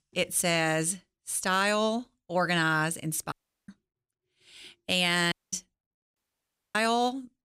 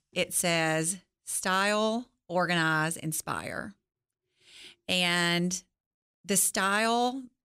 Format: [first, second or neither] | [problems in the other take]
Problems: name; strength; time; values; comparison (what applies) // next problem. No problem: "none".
second | audio cutting out; at 3.5 s, at 5.5 s and at 6 s for 0.5 s